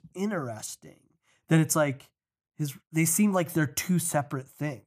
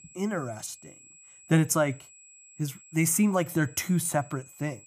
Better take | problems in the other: first | high-pitched whine; faint; throughout; 8 kHz, 25 dB below the speech

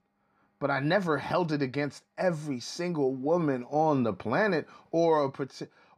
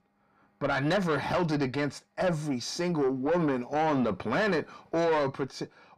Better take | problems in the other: first | distortion; heavy; 7 dB below the speech

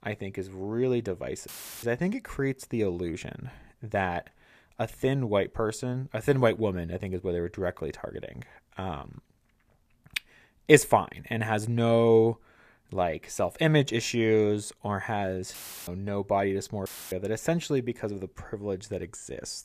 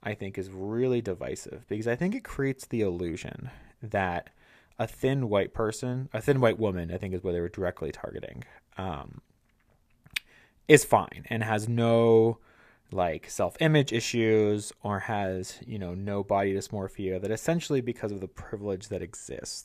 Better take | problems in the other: second | audio cutting out; filled with static; at 1.5 s, at 16 s and at 17 s

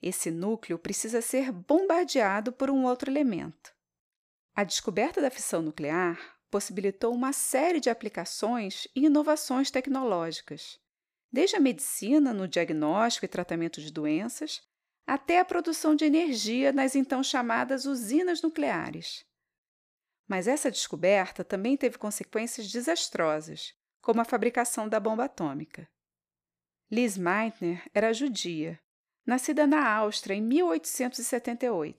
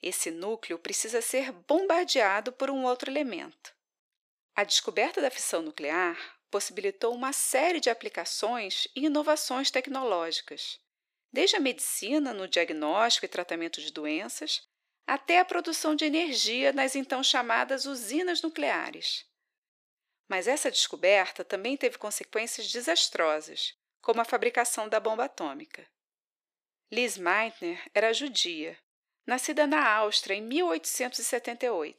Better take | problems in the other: first | thin; somewhat; fading below 350 Hz

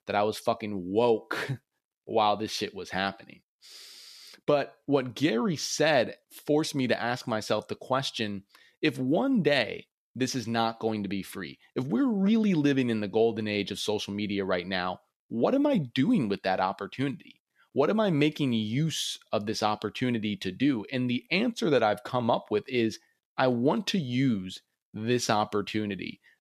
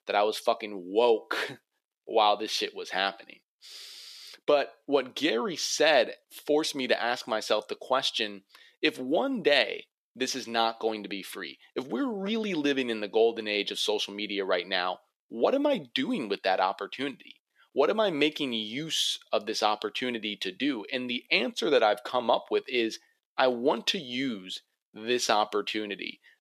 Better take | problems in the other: first | thin; somewhat; fading below 400 Hz

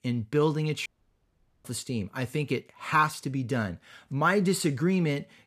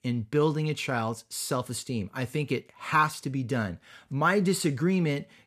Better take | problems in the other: second | audio cutting out; at 1 s for 1 s

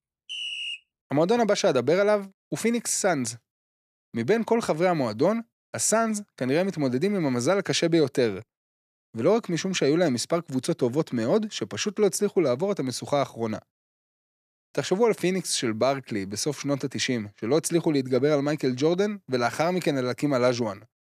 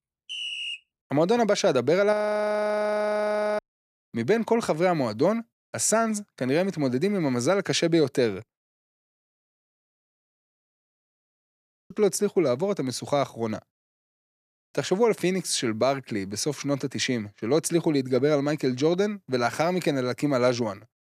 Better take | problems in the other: first | audio freezing; at 2 s for 1.5 s and at 9 s for 3 s

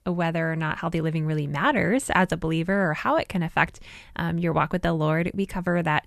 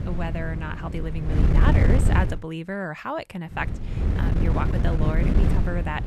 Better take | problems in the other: first | wind noise on the microphone; heavy; until 2.5 s and from 3.5 s on; 3 dB below the speech

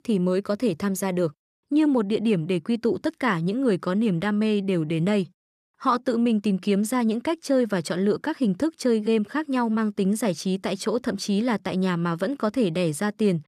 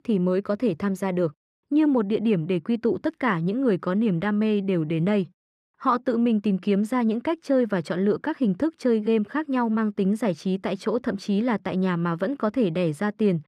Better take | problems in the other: first | muffled; slightly; fading above 4 kHz

